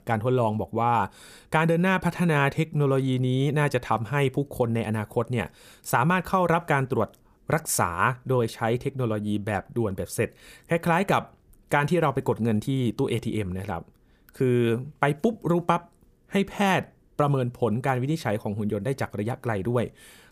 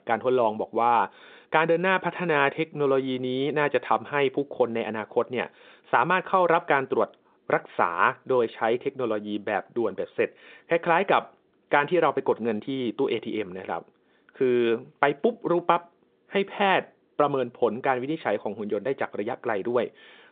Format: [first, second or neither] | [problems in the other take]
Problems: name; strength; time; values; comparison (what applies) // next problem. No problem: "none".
first | phone-call audio; nothing above 3.5 kHz